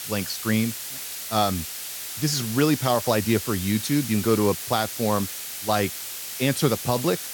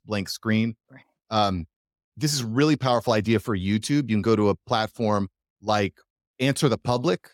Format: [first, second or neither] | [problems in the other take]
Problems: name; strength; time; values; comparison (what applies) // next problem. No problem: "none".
second | hiss; loud; throughout; 6 dB below the speech